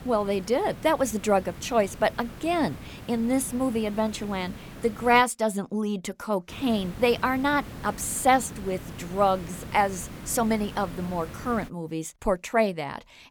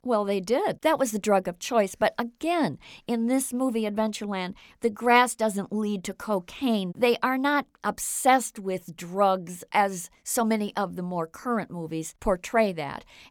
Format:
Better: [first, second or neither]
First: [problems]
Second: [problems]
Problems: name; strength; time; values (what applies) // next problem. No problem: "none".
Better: second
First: hiss; noticeable; until 5 s and from 6.5 to 12 s; 15 dB below the speech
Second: none